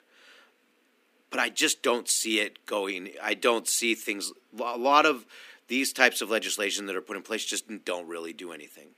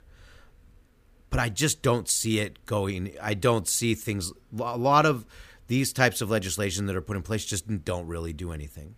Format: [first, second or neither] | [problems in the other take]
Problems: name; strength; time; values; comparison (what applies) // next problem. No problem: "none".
second | thin; somewhat; fading below 250 Hz